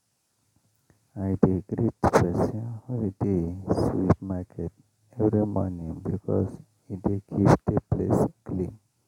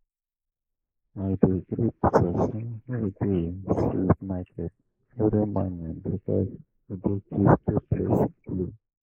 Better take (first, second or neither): first